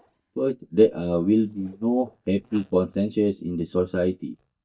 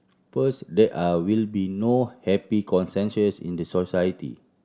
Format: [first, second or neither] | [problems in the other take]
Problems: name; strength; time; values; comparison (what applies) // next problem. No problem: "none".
second | noise reduction (neural mask model DeepFilterNet 3)